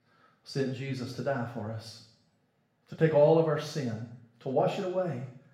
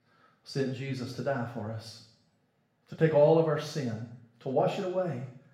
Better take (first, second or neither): neither